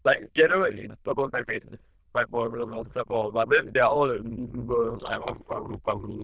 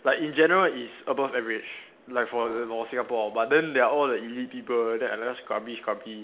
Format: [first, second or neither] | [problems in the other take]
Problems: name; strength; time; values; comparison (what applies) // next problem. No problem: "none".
second | noise reduction (neural diffusion model UNIVERSE++)